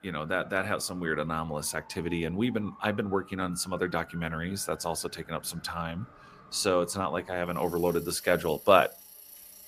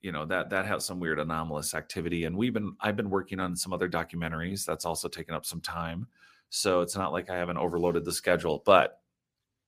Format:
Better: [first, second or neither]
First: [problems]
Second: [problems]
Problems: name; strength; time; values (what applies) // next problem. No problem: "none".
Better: second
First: traffic noise; noticeable; throughout; 20 dB below the speech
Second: none